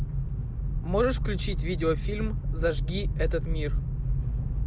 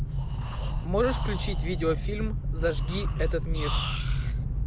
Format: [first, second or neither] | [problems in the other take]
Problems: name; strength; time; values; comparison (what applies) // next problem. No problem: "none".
first | background sound (Breathing); 13 dB below the speech